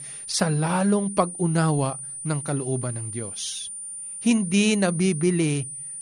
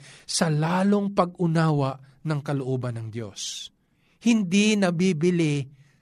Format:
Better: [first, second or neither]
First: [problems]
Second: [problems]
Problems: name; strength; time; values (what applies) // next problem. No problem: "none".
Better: second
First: high-pitched whine; loud; throughout; 9.5 kHz, 9 dB below the speech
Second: none